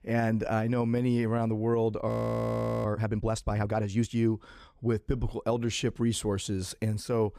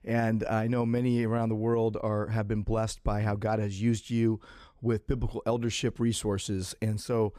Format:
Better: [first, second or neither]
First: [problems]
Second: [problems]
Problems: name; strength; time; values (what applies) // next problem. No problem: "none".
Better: second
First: audio freezing; at 2 s for 1 s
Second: none